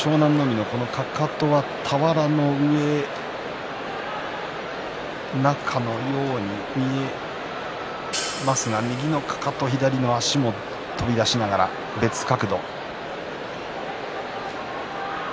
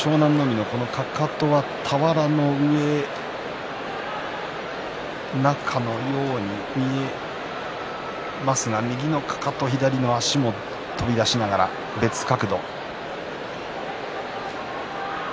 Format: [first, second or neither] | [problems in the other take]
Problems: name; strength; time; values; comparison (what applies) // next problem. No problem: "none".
second | background sound (Hi-hat); 14 dB below the speech